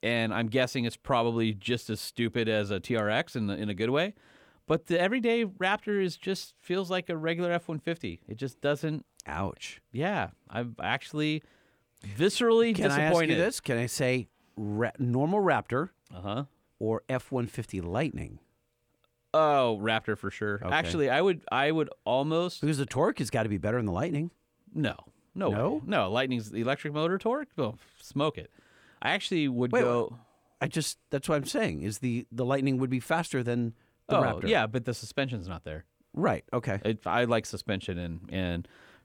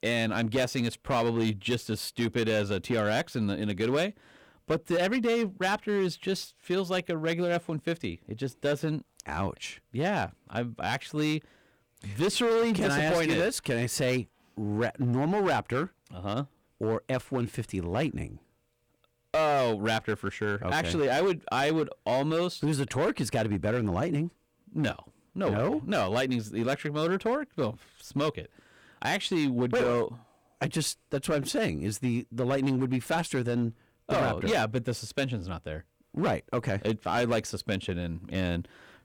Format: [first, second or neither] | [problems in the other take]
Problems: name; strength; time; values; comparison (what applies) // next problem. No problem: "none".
first | distortion; slight; 8% of the sound clipped